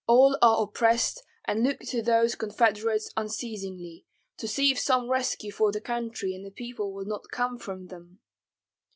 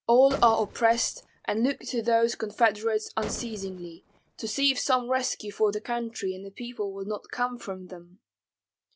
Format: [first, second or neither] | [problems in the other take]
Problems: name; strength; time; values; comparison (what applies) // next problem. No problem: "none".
first | background sound (Gunshot, gunfire); 17 dB below the speech